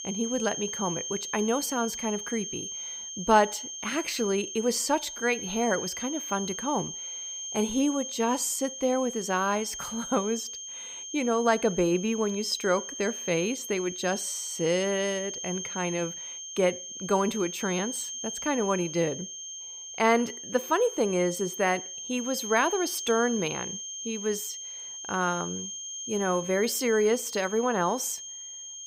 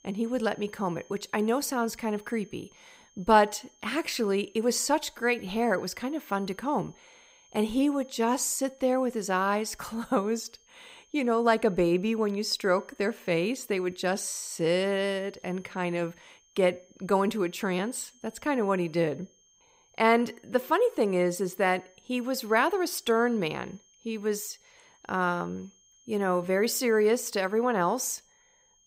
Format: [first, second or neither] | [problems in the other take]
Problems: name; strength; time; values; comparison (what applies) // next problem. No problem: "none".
second | high-pitched whine; loud; throughout; 6.5 kHz, 7 dB below the speech; faint in the second